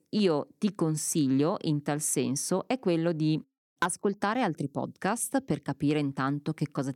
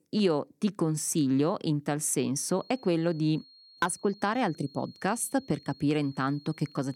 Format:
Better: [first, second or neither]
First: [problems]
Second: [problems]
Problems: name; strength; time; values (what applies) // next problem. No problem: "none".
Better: first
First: none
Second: high-pitched whine; faint; from 2.5 s on; 4.5 kHz, 25 dB below the speech